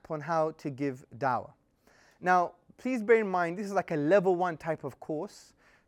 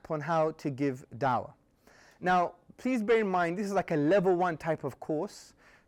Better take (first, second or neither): first